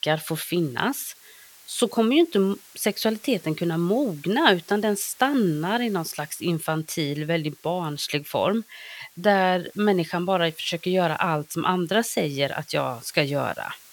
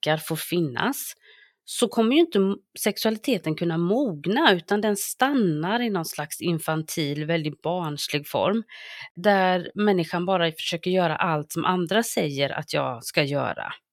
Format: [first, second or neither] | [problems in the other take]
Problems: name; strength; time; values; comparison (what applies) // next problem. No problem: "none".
second | hiss; faint; throughout; 25 dB below the speech